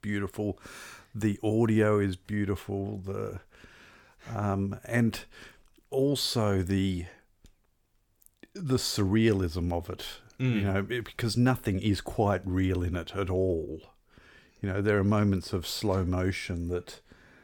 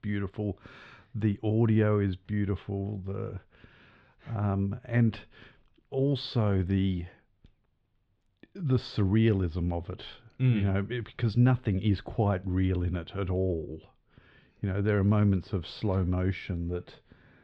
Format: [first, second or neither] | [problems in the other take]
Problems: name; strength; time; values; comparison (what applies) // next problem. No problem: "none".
first | muffled; slightly; fading above 3.5 kHz